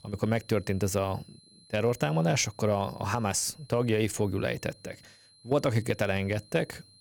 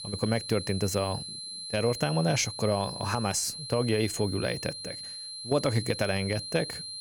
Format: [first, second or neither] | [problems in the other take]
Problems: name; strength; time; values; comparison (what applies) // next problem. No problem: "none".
first | high-pitched whine; loud; throughout; 4 kHz, 7 dB below the speech; faint in the first